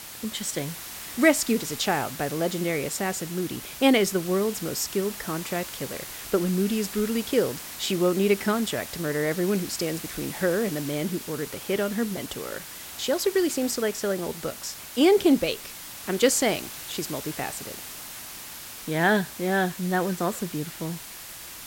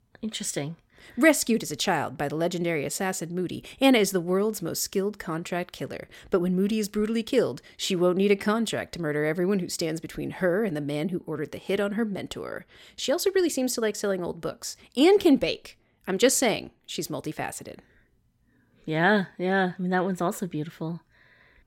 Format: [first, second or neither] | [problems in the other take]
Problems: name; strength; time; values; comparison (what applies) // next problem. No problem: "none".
second | hiss; noticeable; throughout; 10 dB below the speech